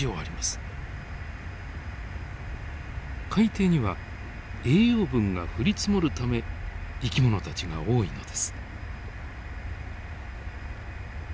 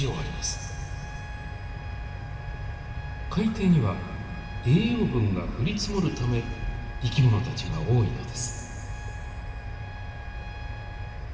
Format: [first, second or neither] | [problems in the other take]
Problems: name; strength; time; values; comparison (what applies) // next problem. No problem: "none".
first | background sound (Trumpet); 19 dB below the speech // room echo; dies away in 2.1 s